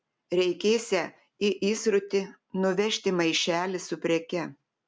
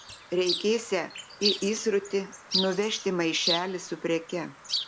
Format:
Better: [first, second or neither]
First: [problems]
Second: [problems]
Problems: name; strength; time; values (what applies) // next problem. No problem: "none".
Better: first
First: none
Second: background sound (Chirp, tweet); 5 dB below the speech